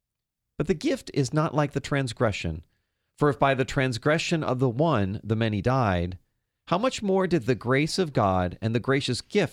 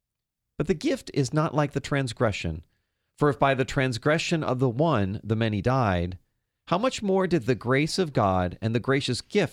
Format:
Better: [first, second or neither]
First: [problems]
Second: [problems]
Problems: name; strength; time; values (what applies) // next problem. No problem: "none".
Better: neither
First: none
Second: none